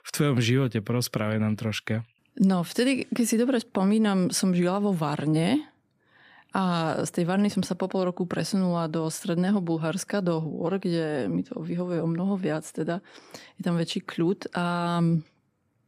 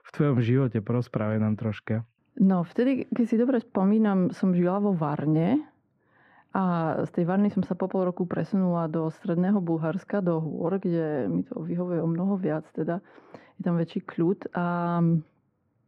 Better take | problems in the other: first | muffled; very; fading above 3.5 kHz

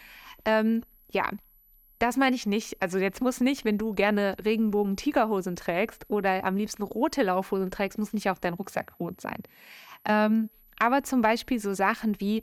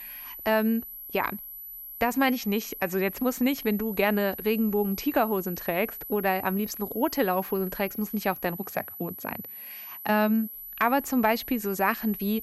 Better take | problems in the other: first | high-pitched whine; loud; throughout; 12 kHz, 10 dB below the speech; faint in the first

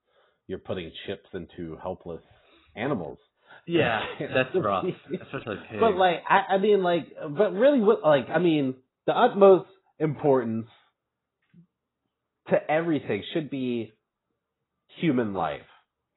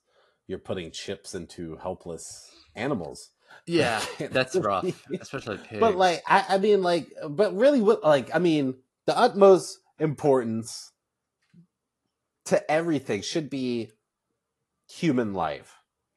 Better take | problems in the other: second | garbled, watery; badly; nothing above 4 kHz; slightly in the second

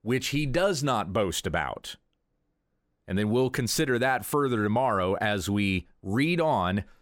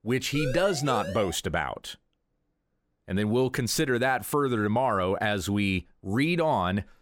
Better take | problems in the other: first | siren; noticeable; until 1.5 s; peak 8 dB below the speech

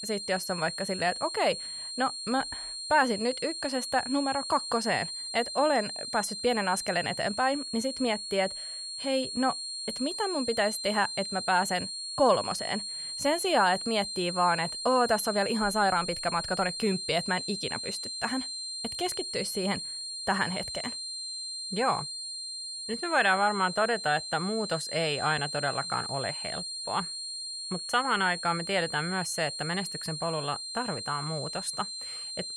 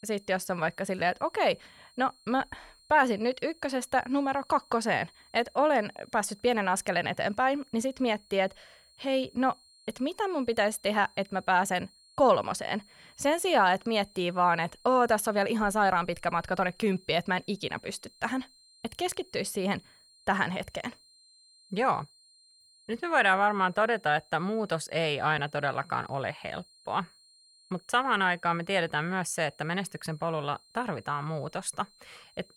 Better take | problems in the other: second | high-pitched whine; loud; throughout; 4 kHz, 5 dB below the speech; faint in the second

